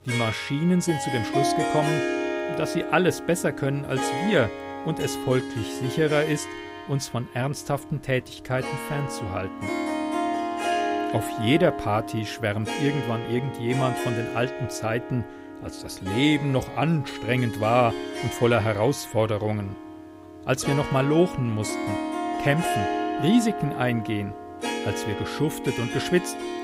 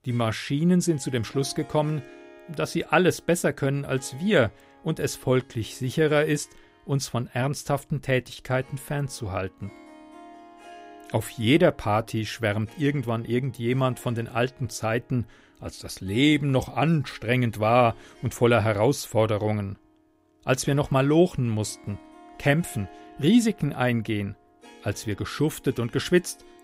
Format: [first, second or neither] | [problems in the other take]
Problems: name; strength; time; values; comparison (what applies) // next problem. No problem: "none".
second | background music; loud; throughout; 5 dB below the speech; faint in the second